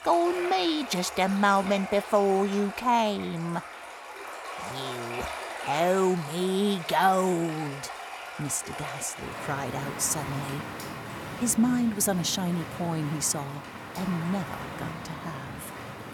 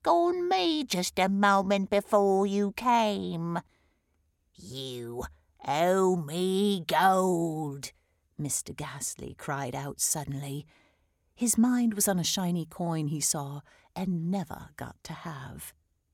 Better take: second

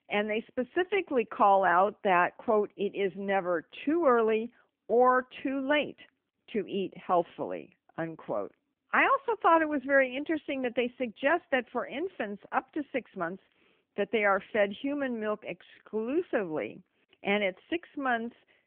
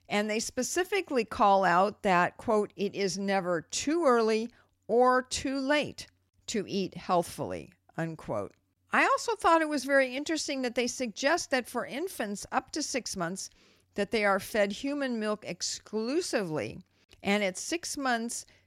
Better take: second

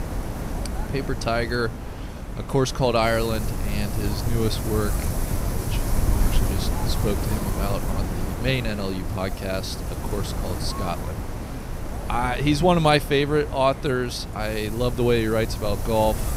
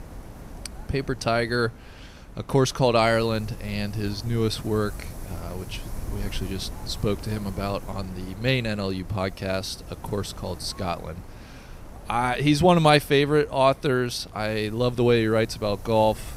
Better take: second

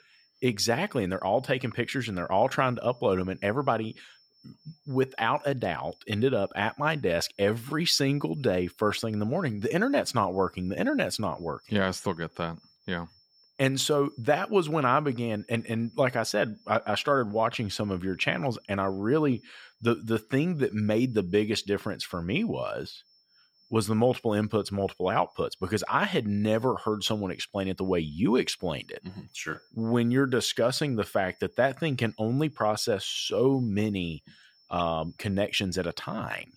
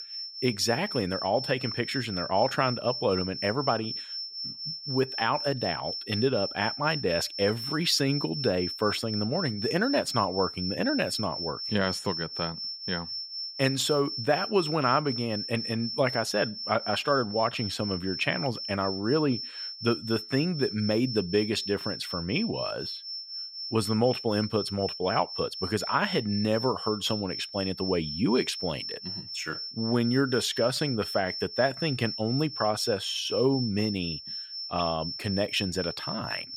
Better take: first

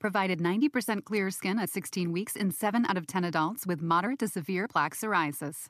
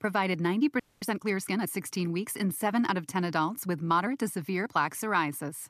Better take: first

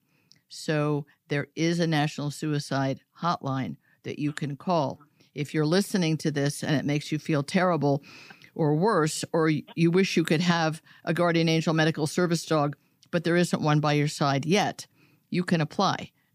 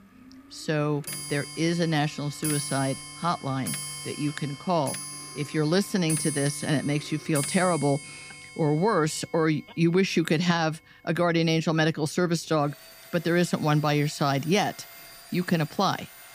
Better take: first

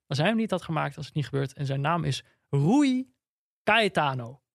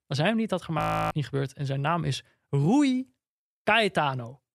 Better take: first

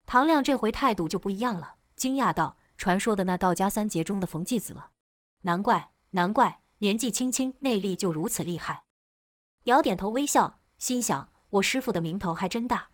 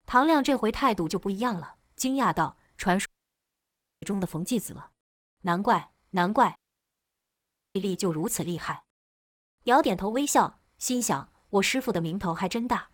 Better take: first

